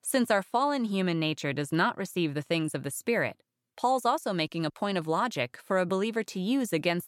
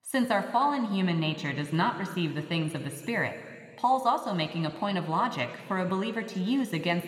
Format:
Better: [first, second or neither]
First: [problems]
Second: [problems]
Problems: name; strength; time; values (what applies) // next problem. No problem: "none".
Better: first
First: none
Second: room echo; slight; dies away in 2.2 s